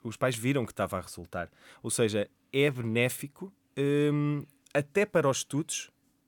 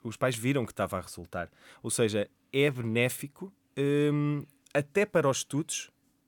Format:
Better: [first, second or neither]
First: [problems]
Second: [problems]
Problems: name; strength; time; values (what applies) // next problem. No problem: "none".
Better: neither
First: none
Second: none